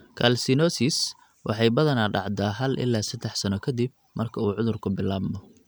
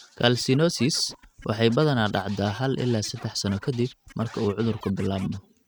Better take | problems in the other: first | noise reduction (neural mask model RNNoise)

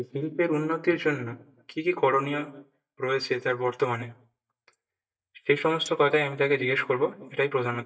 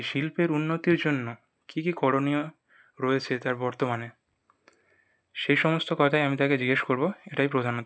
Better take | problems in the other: second | noise reduction (neural mask model DeepFilterNet 3)

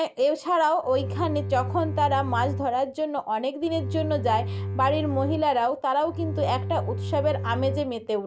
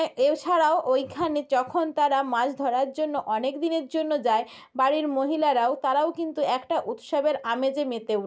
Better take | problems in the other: second | background sound (Bowed string instrument); 5 dB below the speech

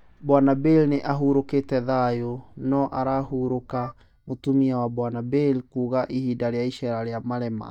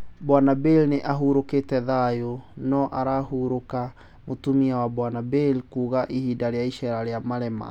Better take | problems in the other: second | noise reduction (neural mask model DeepFilterNet 3)

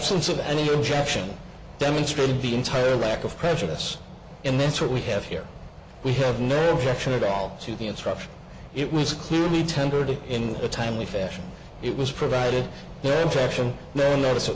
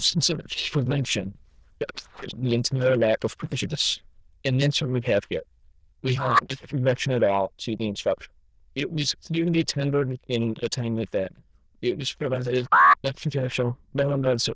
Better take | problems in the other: first | noise reduction (neural diffusion model UNIVERSE++)

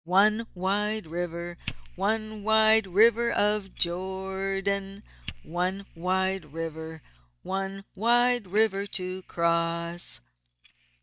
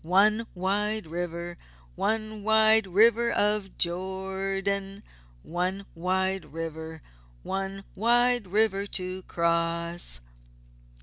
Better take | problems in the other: second | noise reduction (neural mask model DeepFilterNet 3)

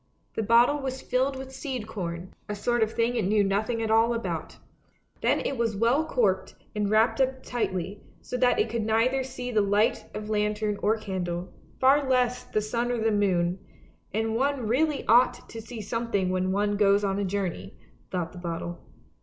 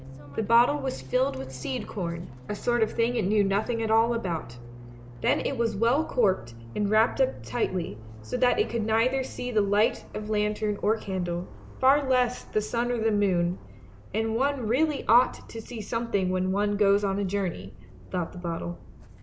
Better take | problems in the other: first | background sound (Fixed-wing aircraft, airplane); 16 dB below the speech

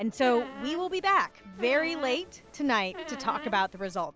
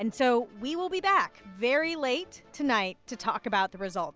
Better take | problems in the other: second | background sound (Squeak); 14 dB below the speech

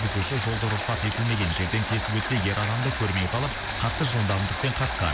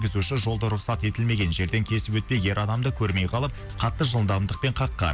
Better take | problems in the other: second | background sound (Water); 5 dB below the speech

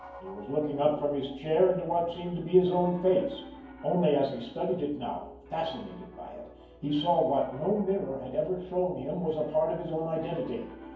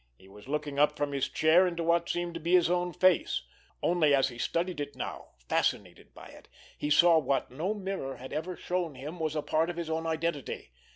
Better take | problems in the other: second | background sound (Piano); 19 dB below the speech // room echo; dies away in 0.9 s

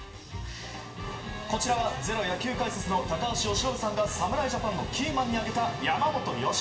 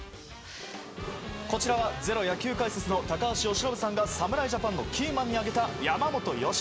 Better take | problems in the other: second | background sound (Bowed string instrument); 17 dB below the speech // room echo; dies away in 2.2 s

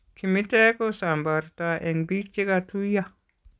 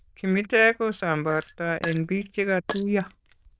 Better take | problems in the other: first | noise reduction (neural diffusion model UNIVERSE++)

